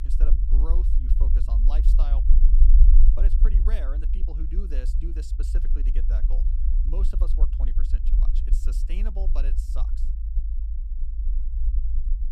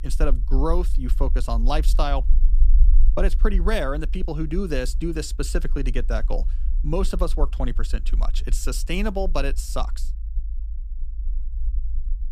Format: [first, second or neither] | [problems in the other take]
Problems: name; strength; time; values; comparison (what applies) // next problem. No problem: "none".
second | low rumble; loud; throughout; 3 dB below the speech; faint in the second